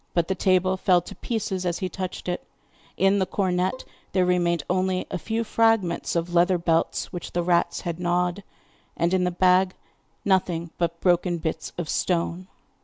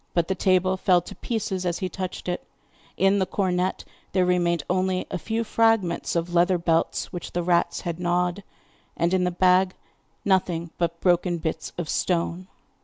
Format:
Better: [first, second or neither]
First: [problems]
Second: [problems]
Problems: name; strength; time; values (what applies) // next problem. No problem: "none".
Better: second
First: background sound (Bowed string instrument); 18 dB below the speech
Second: none